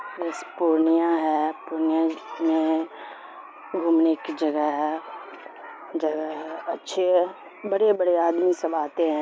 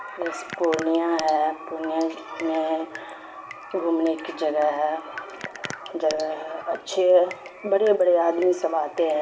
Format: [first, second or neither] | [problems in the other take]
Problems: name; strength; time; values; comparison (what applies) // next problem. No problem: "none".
first | background sound (Drip); 18 dB below the speech // room echo; dies away in 2.1 s